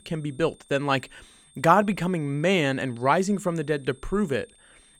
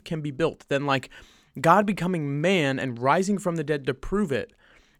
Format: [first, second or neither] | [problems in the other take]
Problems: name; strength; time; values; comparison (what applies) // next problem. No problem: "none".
second | high-pitched whine; faint; throughout; 8.5 kHz, 30 dB below the speech